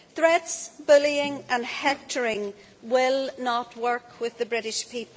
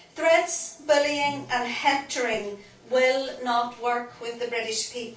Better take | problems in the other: first | room echo; dies away in 0.3 s

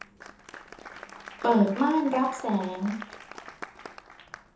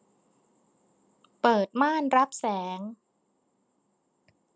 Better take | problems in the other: second | background sound (Applause); 15 dB below the speech // room echo; dies away in 0.5 s

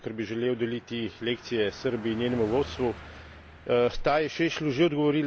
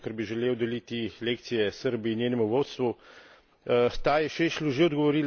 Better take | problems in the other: second | background sound (Car passing by); 19 dB below the speech

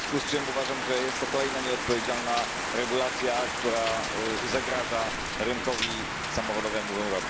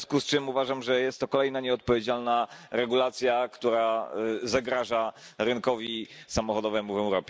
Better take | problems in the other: second | background sound (Rain); 1 dB below the speech

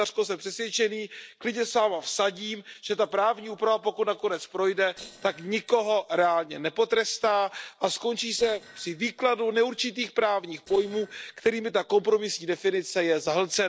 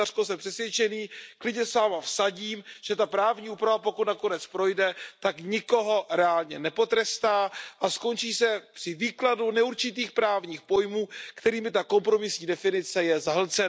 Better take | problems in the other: second | noise reduction (neural separator model SepFormer DNS4)

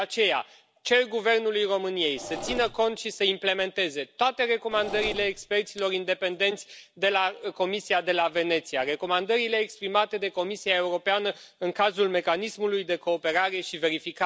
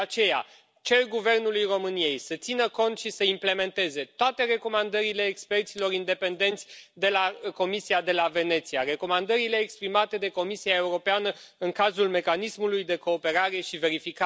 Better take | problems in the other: second | background sound (Engine / Mechanisms); 12 dB below the speech

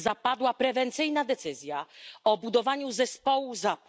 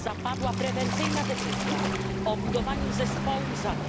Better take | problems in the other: first | background sound (Waves, surf); 4 dB above the speech

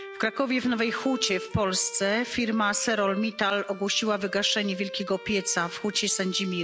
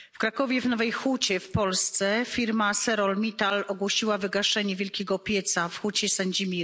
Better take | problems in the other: second | background sound (Bowed string instrument); 15 dB below the speech

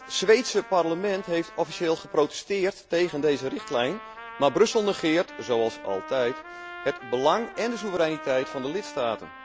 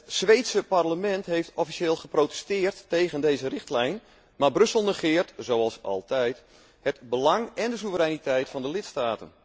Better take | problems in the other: second | background sound (Trumpet); 16 dB below the speech

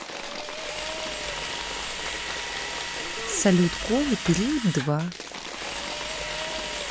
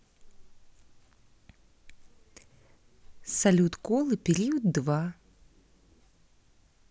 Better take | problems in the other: second | background sound (Applause / Crowd / Cheering + Drill); 4 dB below the speech

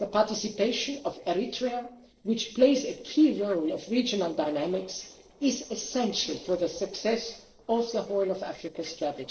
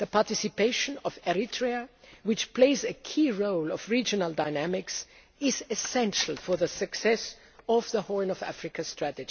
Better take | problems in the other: second | noise reduction (neural separator model SepFormer DNS4)

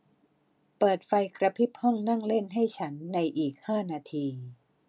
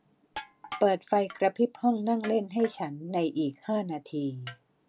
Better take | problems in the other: first | background sound (Crushing); 19 dB below the speech

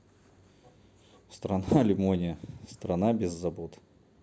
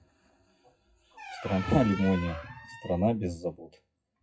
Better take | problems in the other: first | noise reduction (classical method WPE with log-MMSE)

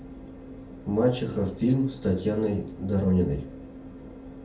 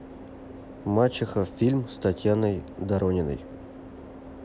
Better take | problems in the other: second | room echo; dies away in 0.4 s

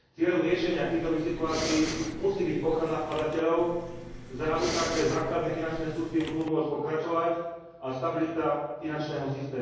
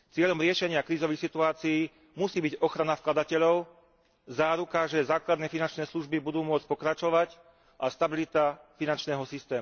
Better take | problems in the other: second | background sound (Respiratory sounds); 9 dB below the speech // room echo; dies away in 1.3 s

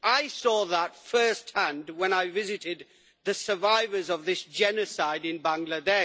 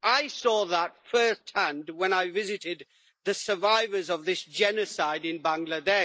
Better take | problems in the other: first | noise reduction (neural mask model Resemble Enhance denoiser)

